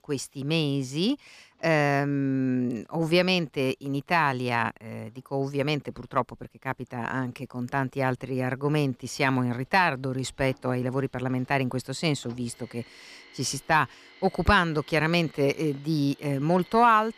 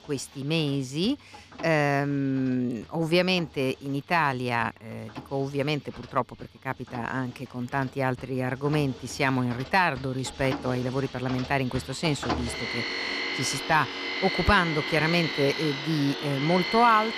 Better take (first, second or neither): first